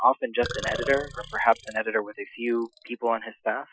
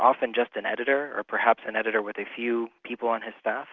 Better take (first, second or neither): second